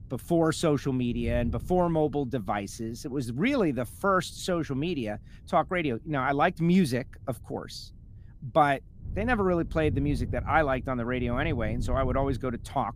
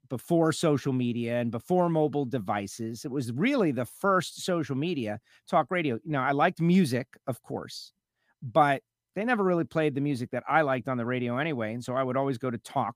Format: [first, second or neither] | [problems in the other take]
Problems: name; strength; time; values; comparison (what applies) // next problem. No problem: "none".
second | wind noise on the microphone; occasional gusts; 25 dB below the speech